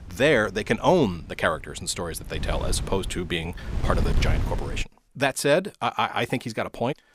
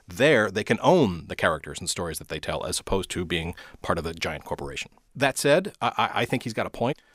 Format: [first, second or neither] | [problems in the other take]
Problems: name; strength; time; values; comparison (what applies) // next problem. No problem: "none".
second | wind noise on the microphone; occasional gusts; until 5 s; 15 dB below the speech